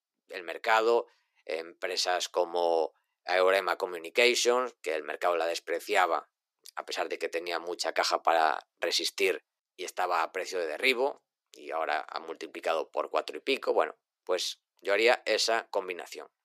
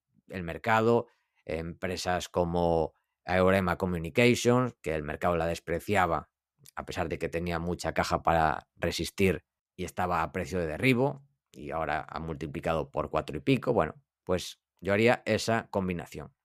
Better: second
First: thin; very; fading below 350 Hz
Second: none

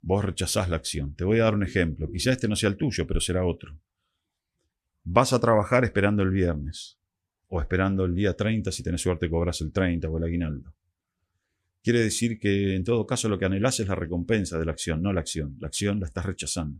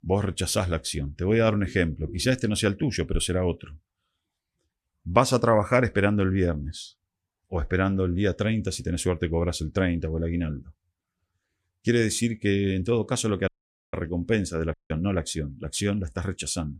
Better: first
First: none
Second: audio cutting out; at 13 s and at 15 s

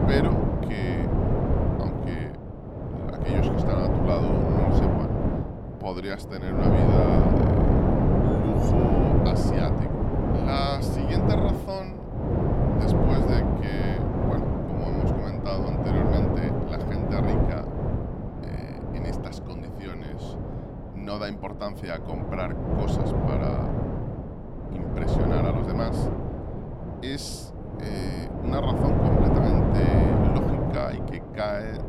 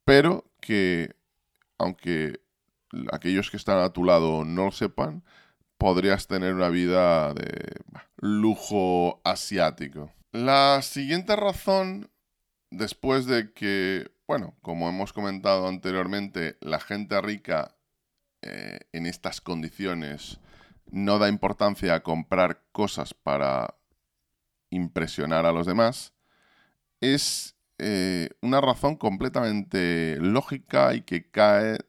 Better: second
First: wind noise on the microphone; heavy; 5 dB above the speech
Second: none

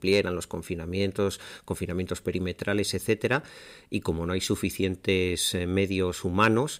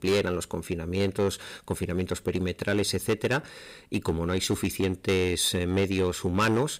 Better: first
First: none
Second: distortion; slight; 6% of the sound clipped

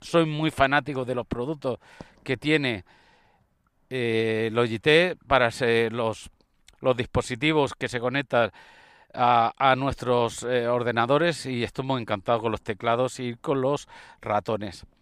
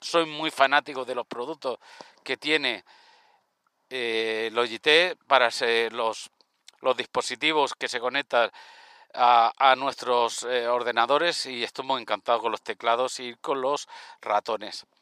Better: first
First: none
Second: thin; somewhat; fading below 450 Hz

